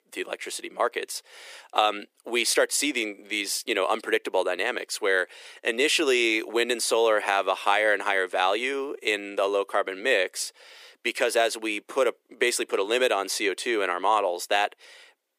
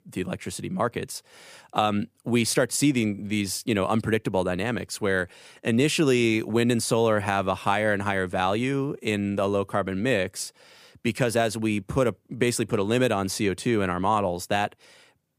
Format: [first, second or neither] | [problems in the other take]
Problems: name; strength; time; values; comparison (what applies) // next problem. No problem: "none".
second | thin; very; fading below 350 Hz